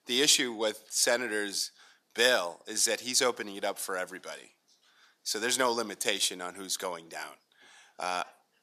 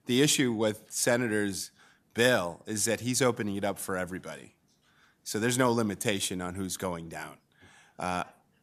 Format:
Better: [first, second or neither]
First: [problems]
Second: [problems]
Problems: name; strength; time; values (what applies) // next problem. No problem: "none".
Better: second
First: thin; somewhat; fading below 450 Hz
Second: none